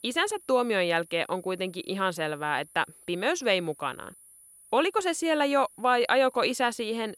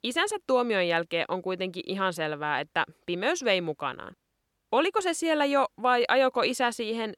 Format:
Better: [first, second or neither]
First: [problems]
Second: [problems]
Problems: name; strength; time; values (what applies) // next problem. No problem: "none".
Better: second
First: high-pitched whine; faint; throughout; 10 kHz, 25 dB below the speech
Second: none